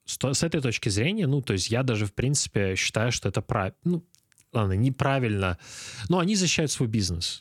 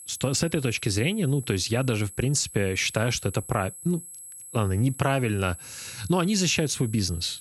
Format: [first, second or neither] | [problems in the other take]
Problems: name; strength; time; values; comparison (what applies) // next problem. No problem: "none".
first | high-pitched whine; noticeable; throughout; 11 kHz, 15 dB below the speech